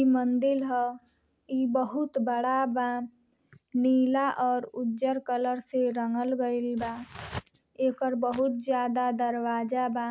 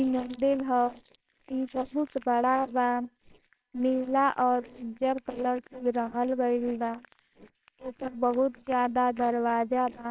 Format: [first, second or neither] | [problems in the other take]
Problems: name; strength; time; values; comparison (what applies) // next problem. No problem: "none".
first | noise reduction (neural separator model SepFormer WHAMR!)